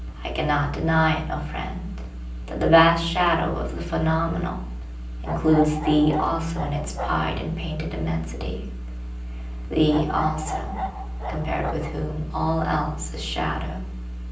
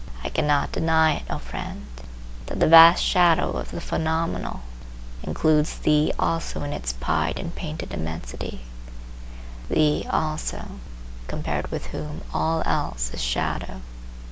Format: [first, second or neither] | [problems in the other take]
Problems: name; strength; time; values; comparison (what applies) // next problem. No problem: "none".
second | background sound (Bark); 8 dB below the speech // room echo; dies away in 0.6 s